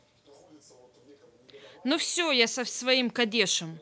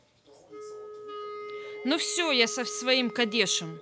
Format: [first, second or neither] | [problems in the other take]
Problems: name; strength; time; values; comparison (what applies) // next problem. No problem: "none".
first | background sound (Wind instrument, woodwind instrument); 12 dB below the speech